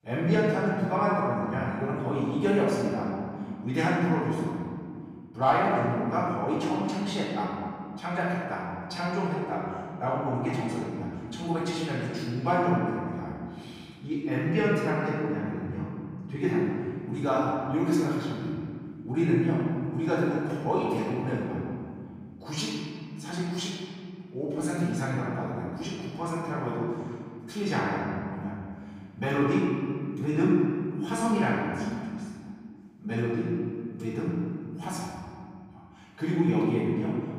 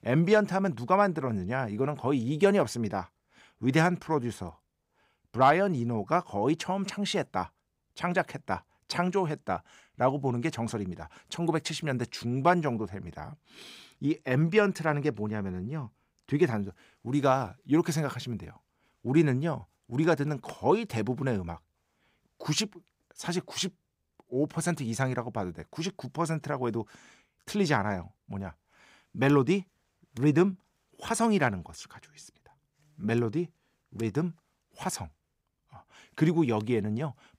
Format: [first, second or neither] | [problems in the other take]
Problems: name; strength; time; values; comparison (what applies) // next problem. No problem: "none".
second | off-mic speech; far // room echo; strong; dies away in 2.2 s